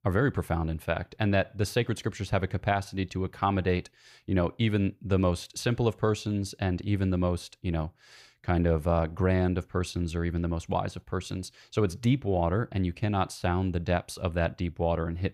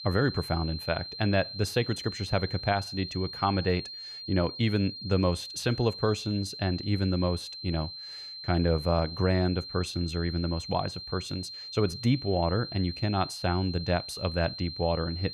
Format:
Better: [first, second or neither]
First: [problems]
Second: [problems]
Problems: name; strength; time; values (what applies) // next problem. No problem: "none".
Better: first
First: none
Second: high-pitched whine; loud; throughout; 4 kHz, 9 dB below the speech